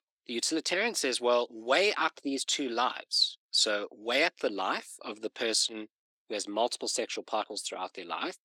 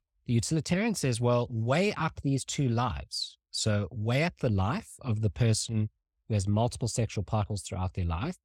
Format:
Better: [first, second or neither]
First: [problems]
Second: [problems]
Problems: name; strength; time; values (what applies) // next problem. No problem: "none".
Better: second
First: thin; very; fading below 300 Hz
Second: none